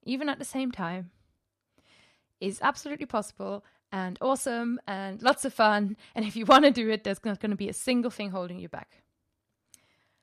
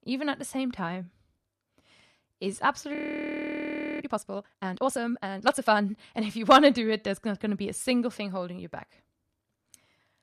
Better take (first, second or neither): first